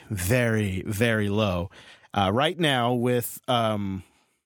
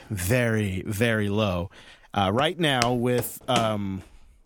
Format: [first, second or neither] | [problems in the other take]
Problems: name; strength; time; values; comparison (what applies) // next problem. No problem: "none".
first | footsteps; noticeable; from 2.5 to 3.5 s; peak 6 dB below the speech